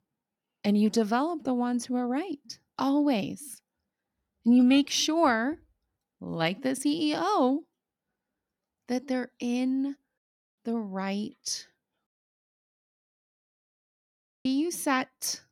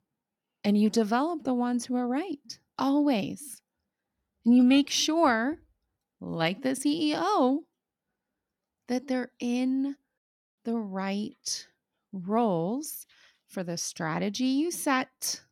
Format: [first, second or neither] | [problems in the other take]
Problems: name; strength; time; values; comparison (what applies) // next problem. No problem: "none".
second | audio cutting out; at 12 s for 2.5 s